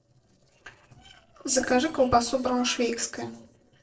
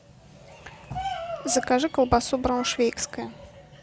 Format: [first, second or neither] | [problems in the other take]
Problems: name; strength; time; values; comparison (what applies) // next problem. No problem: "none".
second | noise reduction (neural separator model SepFormer DNS4)